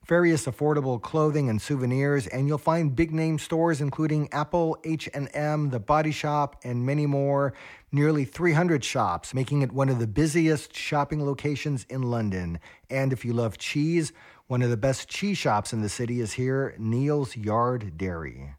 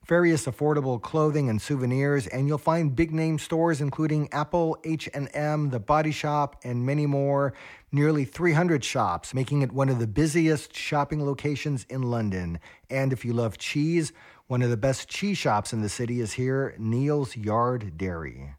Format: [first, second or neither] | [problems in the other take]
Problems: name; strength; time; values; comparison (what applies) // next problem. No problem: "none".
neither | none